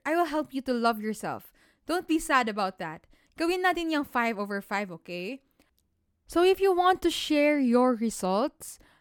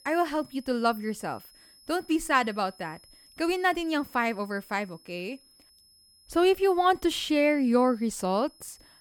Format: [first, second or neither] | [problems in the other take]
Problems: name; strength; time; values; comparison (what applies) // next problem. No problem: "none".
first | high-pitched whine; faint; throughout; 5 kHz, 25 dB below the speech